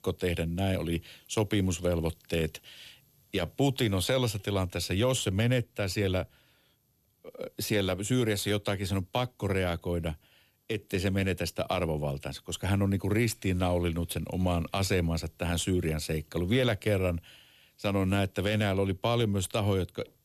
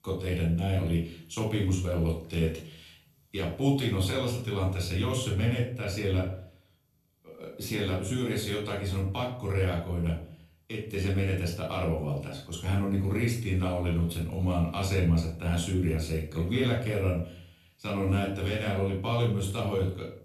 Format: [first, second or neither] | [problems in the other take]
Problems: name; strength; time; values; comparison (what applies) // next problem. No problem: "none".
first | off-mic speech; somewhat distant // room echo; noticeable; dies away in 0.4 s